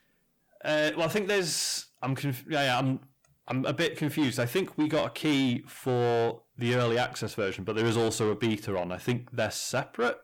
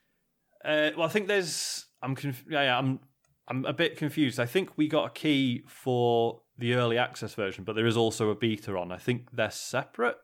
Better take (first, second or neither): second